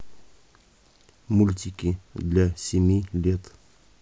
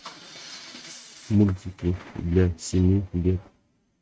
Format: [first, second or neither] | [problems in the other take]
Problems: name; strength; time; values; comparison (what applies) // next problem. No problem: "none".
first | noise reduction (neural mask model RNNoise)